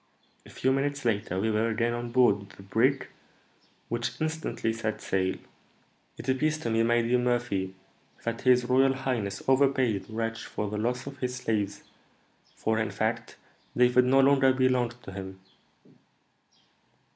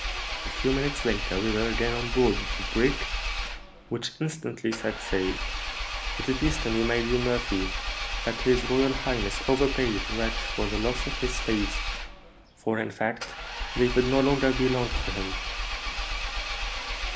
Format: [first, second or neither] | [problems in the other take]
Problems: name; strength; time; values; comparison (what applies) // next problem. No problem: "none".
first | background sound (Engine); 3 dB below the speech